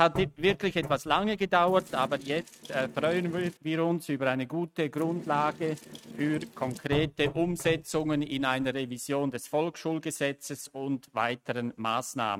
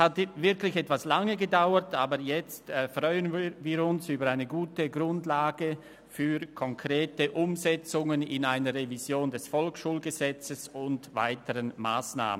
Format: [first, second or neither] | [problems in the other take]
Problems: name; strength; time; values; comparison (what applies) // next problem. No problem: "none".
second | noise reduction (neural mask model RNNoise)